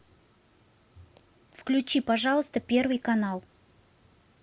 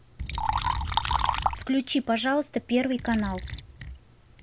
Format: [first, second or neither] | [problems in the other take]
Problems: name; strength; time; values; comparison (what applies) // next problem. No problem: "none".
first | background sound (Liquid); 2 dB below the speech